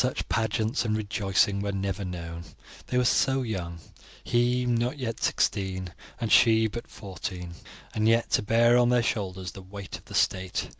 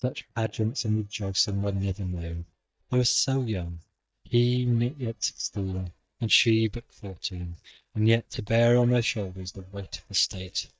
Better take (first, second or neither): first